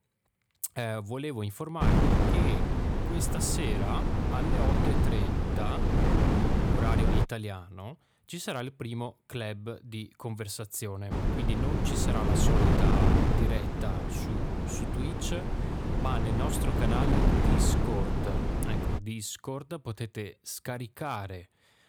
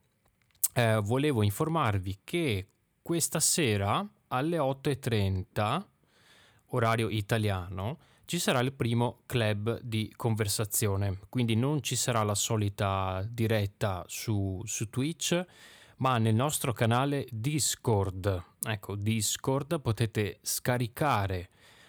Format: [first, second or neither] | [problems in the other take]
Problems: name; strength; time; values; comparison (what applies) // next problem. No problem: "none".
second | wind noise on the microphone; heavy; from 2 to 7 s and from 11 to 19 s; 4 dB above the speech